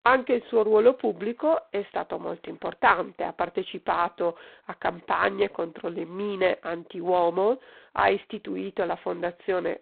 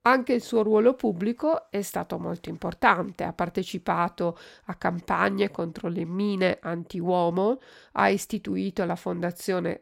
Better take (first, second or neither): second